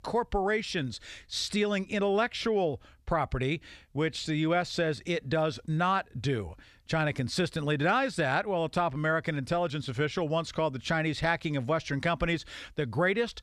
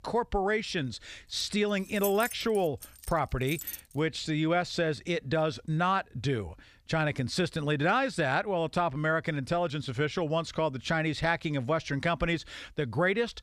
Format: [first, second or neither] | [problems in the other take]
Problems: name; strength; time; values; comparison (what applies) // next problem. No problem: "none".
first | jangling keys; noticeable; from 1.5 to 4 s; peak 6 dB below the speech